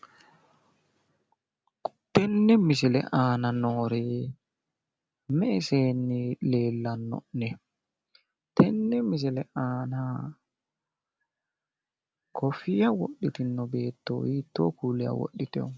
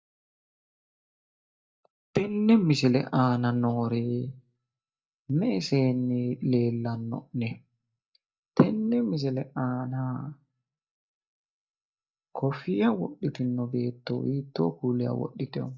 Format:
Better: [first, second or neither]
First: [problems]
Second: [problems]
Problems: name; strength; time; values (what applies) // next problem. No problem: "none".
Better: first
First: none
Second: noise reduction (neural mask model DeepFilterNet 3)